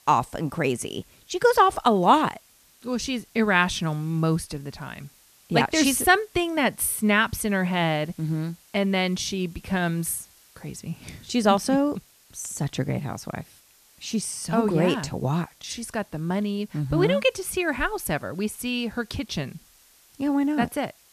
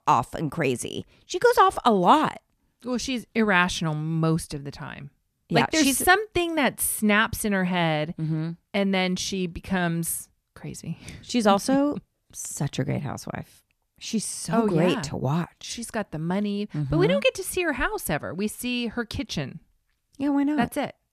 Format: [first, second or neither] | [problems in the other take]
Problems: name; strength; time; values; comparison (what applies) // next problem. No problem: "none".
second | hiss; faint; throughout; 30 dB below the speech